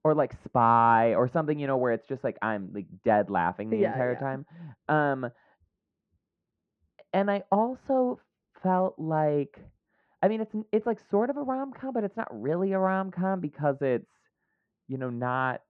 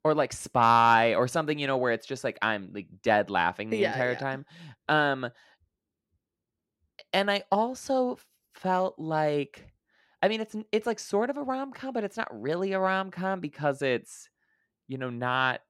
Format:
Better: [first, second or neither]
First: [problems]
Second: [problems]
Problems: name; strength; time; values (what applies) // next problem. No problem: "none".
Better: second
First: muffled; very; fading above 1 kHz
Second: none